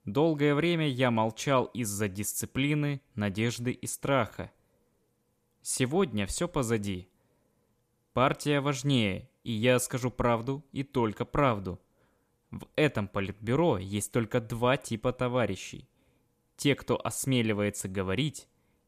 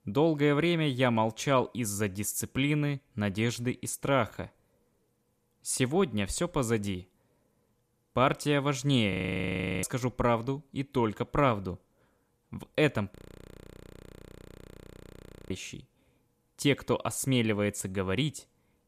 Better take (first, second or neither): first